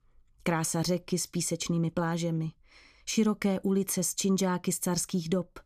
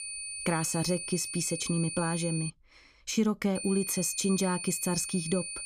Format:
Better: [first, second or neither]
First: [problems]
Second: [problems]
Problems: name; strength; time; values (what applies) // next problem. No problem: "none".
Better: first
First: none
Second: high-pitched whine; loud; until 2.5 s and from 3.5 s on; 9.5 kHz, 6 dB below the speech